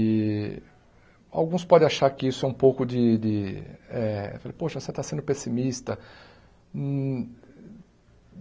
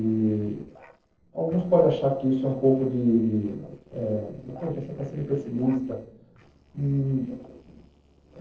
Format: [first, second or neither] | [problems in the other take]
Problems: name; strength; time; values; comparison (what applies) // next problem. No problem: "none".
first | noise reduction (neural separator model SepFormer DNS4)